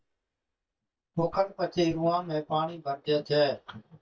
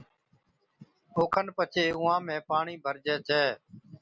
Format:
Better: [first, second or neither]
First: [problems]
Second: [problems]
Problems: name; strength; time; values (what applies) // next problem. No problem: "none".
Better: second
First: noise reduction (neural mask model DeepFilterNet 3)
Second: none